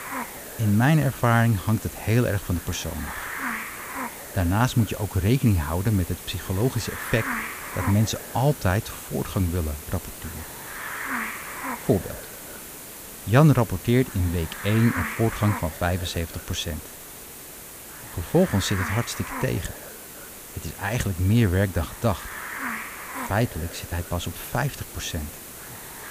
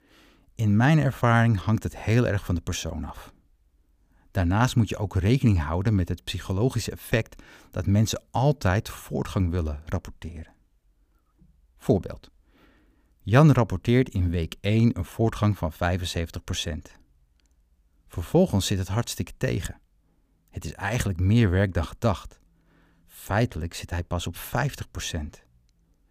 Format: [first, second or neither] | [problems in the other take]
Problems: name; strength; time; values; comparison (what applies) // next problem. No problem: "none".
second | hiss; loud; throughout; 10 dB below the speech